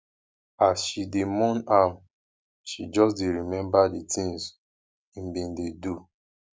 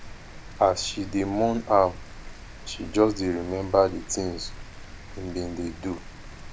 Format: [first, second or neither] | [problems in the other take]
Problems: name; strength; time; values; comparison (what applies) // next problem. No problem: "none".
first | background sound (Rain); 13 dB below the speech